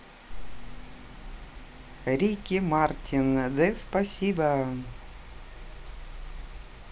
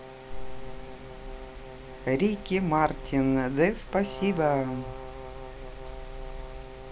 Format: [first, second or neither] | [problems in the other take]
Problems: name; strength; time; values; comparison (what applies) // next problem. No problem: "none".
first | background sound (Brass instrument); 15 dB below the speech